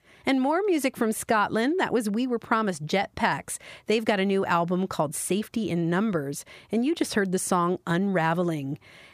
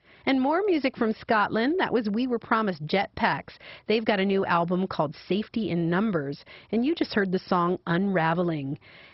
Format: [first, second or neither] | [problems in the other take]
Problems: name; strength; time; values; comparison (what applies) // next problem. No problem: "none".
first | garbled, watery; badly; nothing above 5.5 kHz